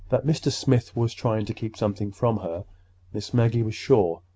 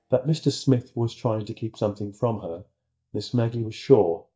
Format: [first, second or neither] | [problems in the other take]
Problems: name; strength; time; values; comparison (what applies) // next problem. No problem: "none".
first | noise reduction (neural mask model DeepFilterNet 3)